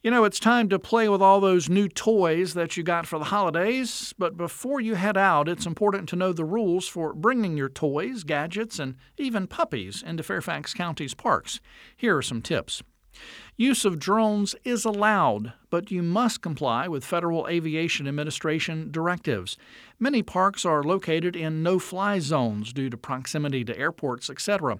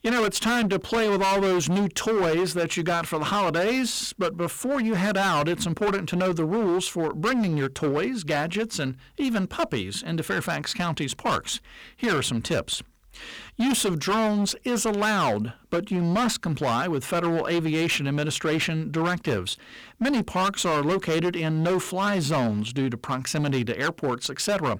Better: first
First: none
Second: distortion; heavy; 20% of the sound clipped

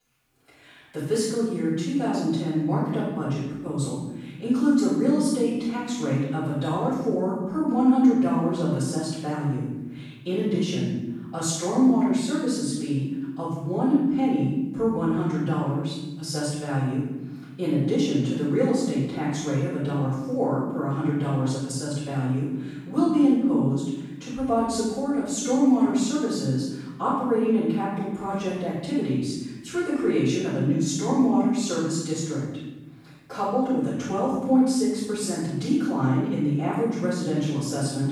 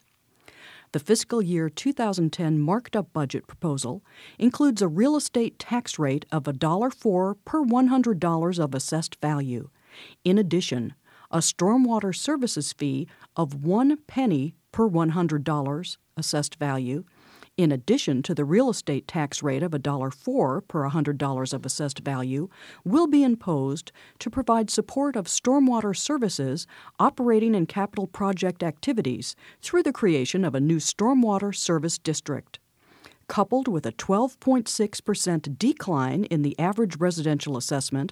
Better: second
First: off-mic speech; far // room echo; strong; dies away in 1.1 s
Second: none

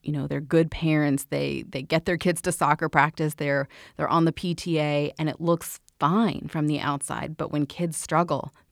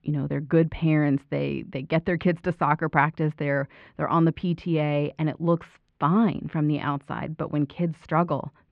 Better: first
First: none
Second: muffled; very; fading above 2.5 kHz

